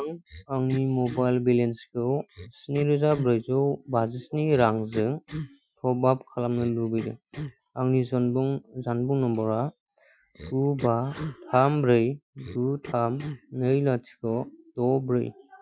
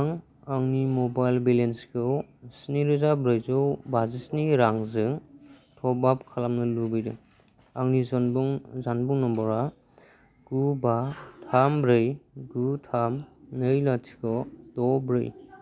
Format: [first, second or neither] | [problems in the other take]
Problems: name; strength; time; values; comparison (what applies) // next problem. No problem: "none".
second | noise reduction (classical method Wiener filter)